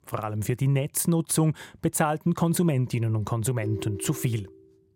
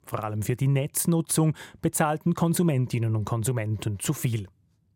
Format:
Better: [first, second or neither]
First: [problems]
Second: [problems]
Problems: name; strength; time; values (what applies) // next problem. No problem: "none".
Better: second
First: phone ringing; noticeable; at 3.5 s; peak 10 dB below the speech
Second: none